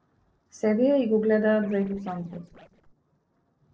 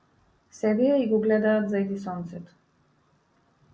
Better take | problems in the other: second | noise reduction (neural separator model SepFormer DNS4)

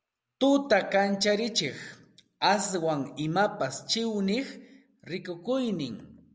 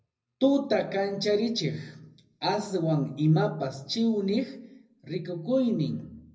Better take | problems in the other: first | room echo; dies away in 0.4 s

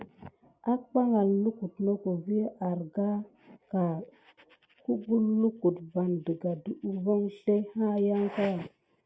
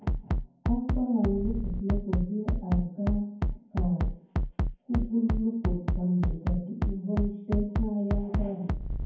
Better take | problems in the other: first | background sound (Bass drum); 1 dB above the speech // room echo; dies away in 0.9 s

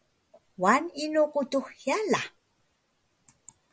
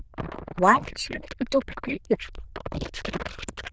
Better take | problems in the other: first | noise reduction (neural diffusion model UNIVERSE++)

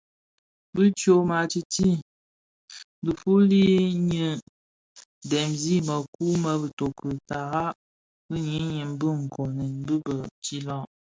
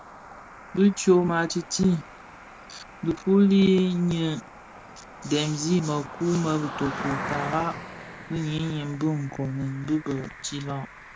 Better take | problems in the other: first | background sound (Cricket); 14 dB below the speech

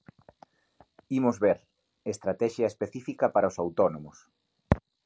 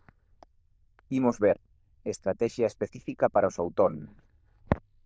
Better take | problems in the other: first | noise reduction (neural diffusion model UNIVERSE++)

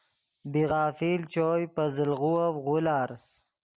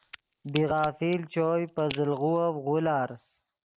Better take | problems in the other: first | noise reduction (neural mask model RNNoise)

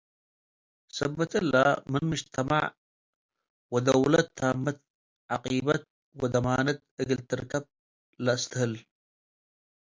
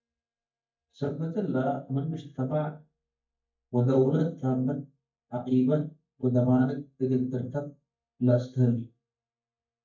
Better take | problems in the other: first | noise reduction (neural mask model DeepFilterNet 3)

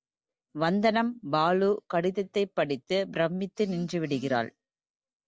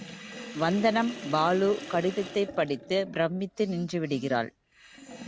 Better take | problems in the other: first | background sound (Sink (filling or washing)); 14 dB below the speech

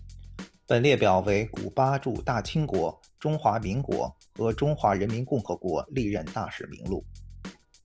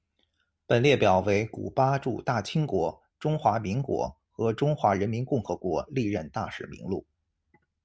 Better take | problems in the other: second | background sound (Drum / Drum kit); 17 dB below the speech

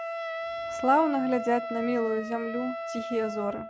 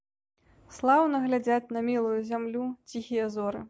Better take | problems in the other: second | background sound (Wind instrument, woodwind instrument); 7 dB below the speech

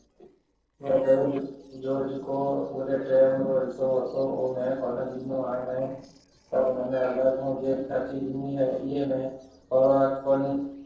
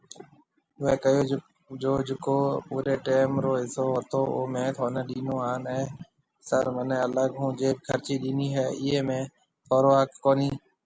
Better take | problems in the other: second | noise reduction (neural separator model SepFormer DNS4)

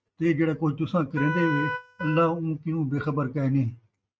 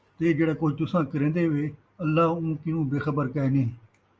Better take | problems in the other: second | noise reduction (neural mask model RNNoise)

